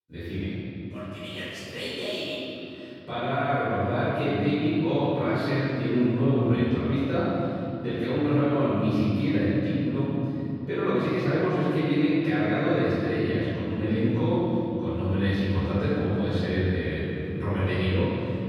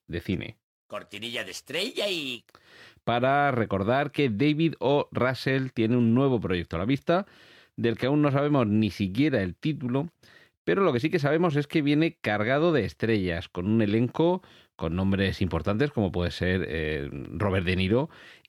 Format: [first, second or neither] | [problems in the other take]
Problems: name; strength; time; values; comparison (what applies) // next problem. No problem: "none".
second | off-mic speech; far // room echo; strong; dies away in 3 s